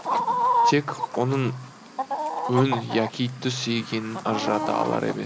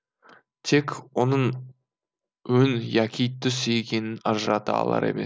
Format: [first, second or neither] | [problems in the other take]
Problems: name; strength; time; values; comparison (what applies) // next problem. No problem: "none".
second | background sound (Chicken, rooster); 1 dB below the speech